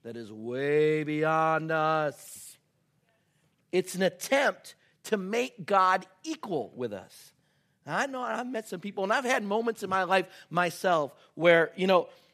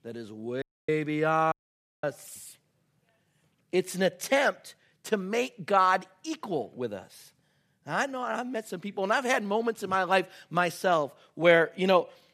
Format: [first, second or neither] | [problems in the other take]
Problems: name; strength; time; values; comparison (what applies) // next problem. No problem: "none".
first | audio cutting out; at 0.5 s and at 1.5 s for 0.5 s